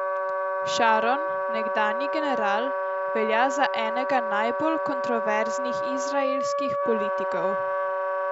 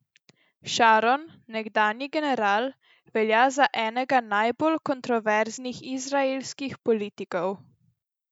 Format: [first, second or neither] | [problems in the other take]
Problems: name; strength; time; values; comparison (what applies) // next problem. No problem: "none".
second | background sound (Wind instrument, woodwind instrument); 1 dB above the speech